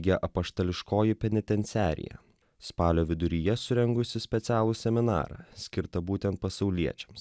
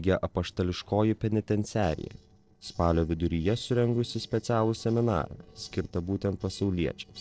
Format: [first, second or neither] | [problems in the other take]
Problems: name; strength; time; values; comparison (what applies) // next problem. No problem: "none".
first | noise reduction (neural separator model SepFormer DNS4)